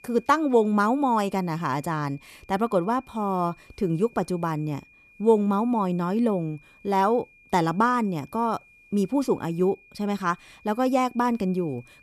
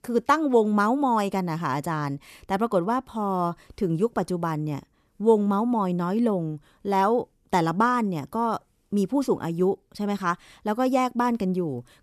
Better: second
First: high-pitched whine; faint; throughout; 2.5 kHz, 30 dB below the speech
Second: none

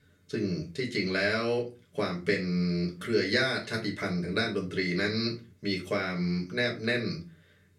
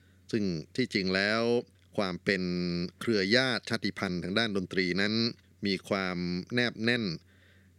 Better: second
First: off-mic speech; far // room echo; very slight; dies away in 0.3 s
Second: none

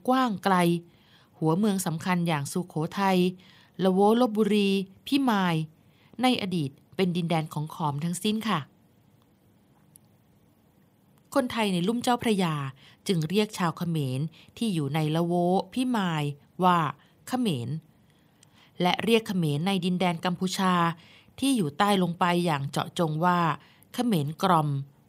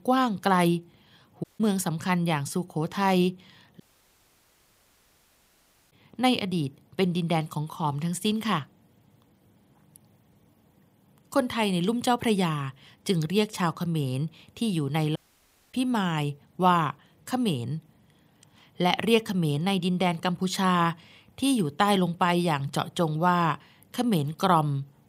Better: first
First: none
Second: audio cutting out; at 1.5 s, at 4 s for 2 s and at 15 s for 0.5 s

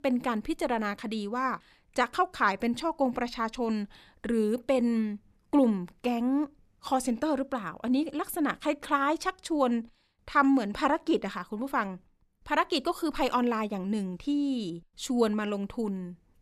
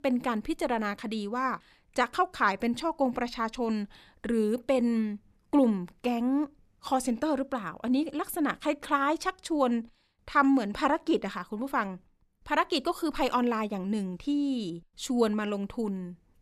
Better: neither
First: none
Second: none

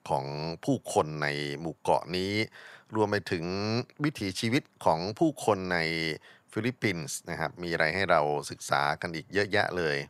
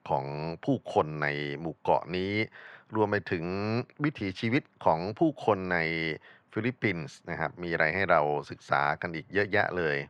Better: first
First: none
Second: muffled; slightly; fading above 2.5 kHz

